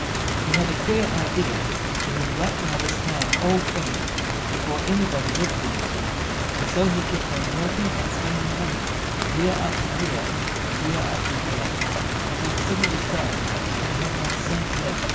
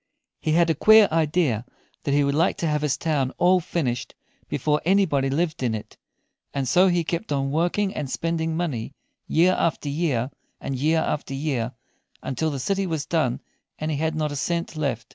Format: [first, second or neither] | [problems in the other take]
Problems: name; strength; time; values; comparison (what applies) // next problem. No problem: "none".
second | background sound (Rain); 4 dB above the speech // room echo; dies away in 1.1 s